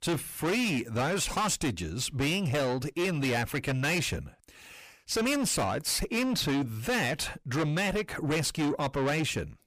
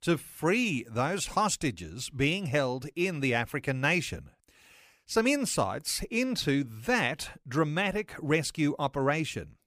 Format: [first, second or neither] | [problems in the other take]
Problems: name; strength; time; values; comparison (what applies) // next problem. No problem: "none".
second | distortion; heavy; 6 dB below the speech